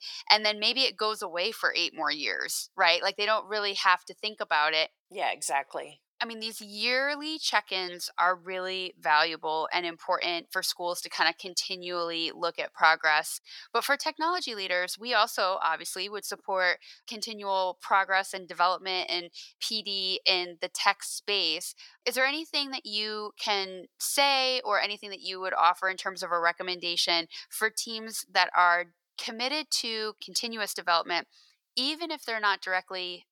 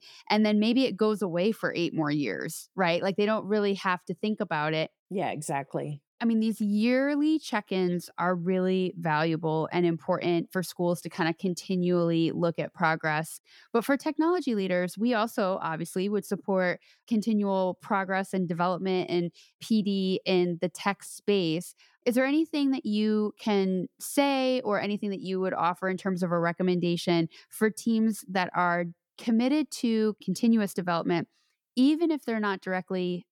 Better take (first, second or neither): second